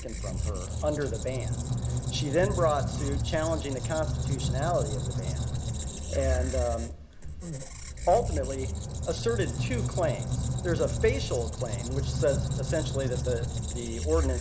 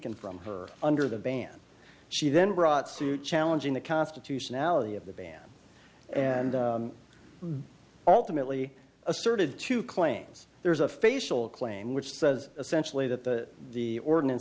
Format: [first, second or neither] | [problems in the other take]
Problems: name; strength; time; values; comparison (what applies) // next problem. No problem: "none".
second | background sound (Squeak); 1 dB above the speech // room echo; dies away in 0.6 s